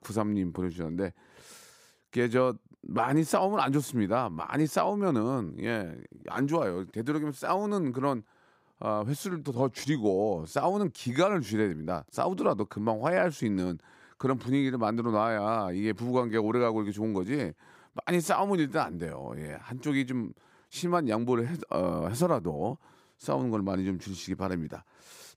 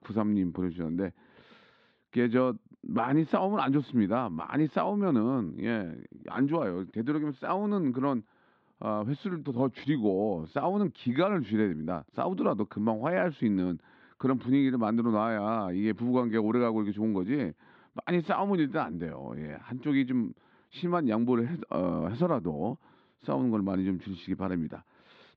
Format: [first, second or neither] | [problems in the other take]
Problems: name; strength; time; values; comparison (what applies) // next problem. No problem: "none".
first | muffled; slightly; fading above 3.5 kHz